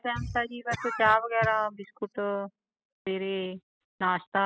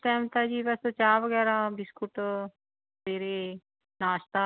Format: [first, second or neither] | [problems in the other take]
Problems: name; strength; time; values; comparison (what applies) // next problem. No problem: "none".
second | noise reduction (classical method spectral subtraction)